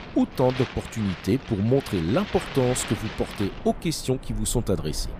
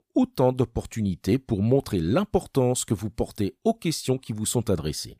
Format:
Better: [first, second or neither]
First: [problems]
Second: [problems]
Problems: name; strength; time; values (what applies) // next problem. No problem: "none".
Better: second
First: wind in the background; noticeable; throughout; 10 dB below the speech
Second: none